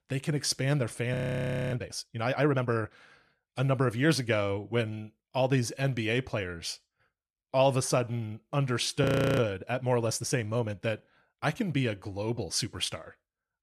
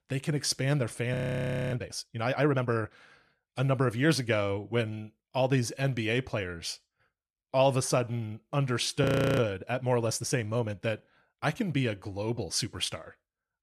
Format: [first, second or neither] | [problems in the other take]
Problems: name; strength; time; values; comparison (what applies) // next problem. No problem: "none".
neither | audio freezing; at 1 s for 0.5 s and at 9 s; the same in both